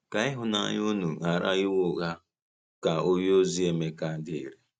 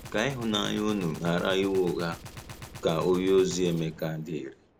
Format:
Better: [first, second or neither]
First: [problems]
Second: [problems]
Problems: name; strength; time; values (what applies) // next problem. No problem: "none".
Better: first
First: none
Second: background sound (Gunshot, gunfire); 16 dB below the speech